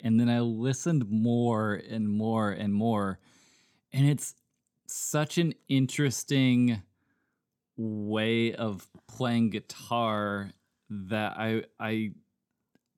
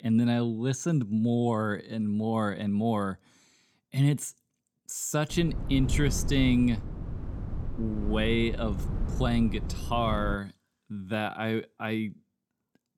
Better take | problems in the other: first | wind noise on the microphone; occasional gusts; from 5.5 to 10 s; 15 dB below the speech

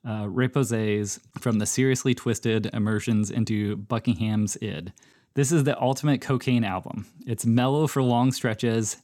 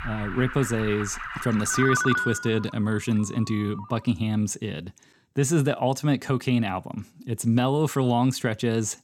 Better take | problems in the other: first | alarms or sirens; loud; until 3.5 s; 5 dB below the speech

